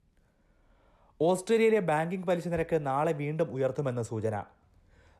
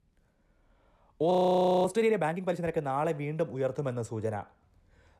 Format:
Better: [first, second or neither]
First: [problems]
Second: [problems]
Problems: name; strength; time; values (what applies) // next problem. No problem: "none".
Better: first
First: none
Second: audio freezing; at 1.5 s for 0.5 s